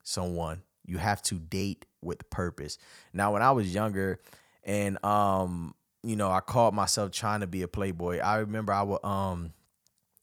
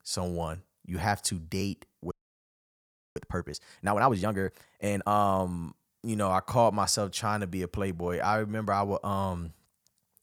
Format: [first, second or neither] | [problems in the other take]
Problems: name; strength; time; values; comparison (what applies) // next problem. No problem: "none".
first | audio freezing; at 2 s for 1 s